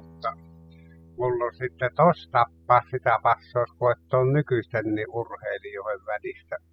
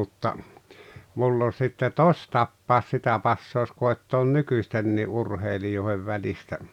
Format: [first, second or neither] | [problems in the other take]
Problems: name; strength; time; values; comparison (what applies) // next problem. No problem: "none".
second | noise reduction (classical method spectral subtraction)